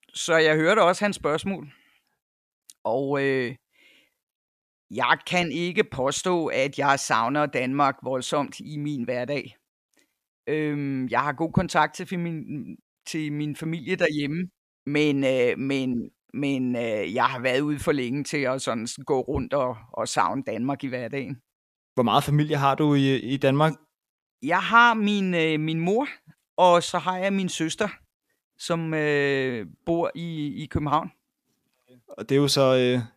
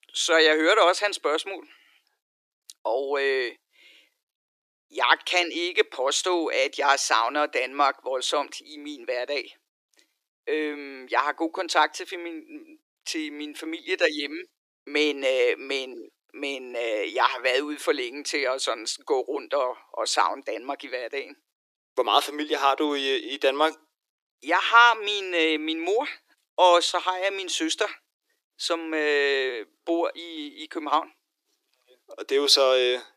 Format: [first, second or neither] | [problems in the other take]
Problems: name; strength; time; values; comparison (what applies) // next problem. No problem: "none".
first | thin; very; fading below 300 Hz